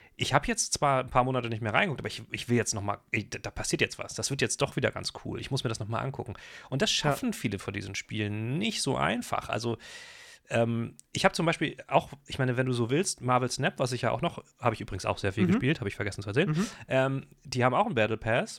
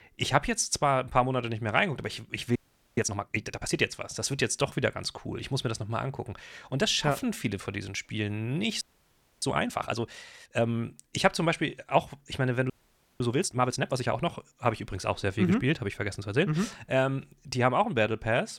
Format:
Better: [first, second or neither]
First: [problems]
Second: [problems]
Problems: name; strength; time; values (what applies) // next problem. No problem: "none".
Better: first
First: none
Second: audio freezing; at 2.5 s, at 9 s for 0.5 s and at 13 s for 0.5 s